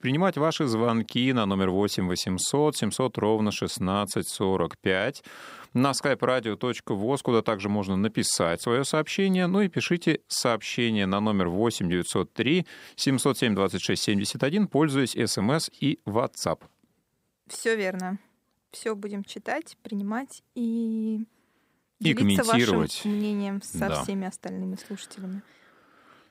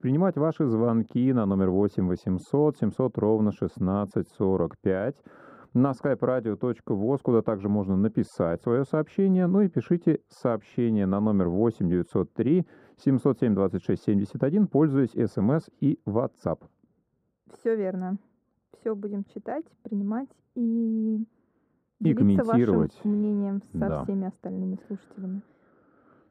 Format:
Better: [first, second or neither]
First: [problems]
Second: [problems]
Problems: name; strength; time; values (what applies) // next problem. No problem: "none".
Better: first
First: none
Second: muffled; very; fading above 1.5 kHz